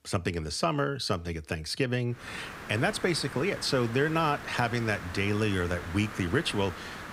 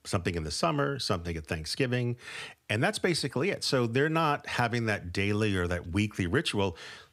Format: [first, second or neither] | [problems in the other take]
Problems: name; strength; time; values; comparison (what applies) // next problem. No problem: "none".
second | hiss; noticeable; from 2 s on; 10 dB below the speech